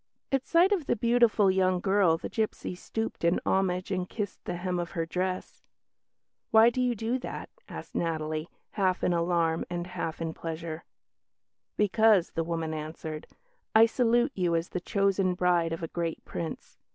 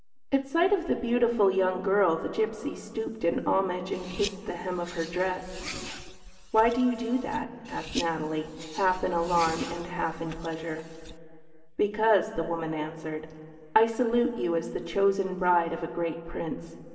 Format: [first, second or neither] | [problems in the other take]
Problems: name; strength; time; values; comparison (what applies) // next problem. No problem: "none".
first | background sound (Car); 14 dB below the speech // room echo; dies away in 2.4 s